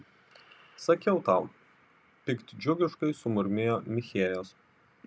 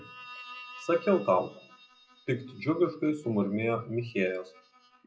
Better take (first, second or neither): first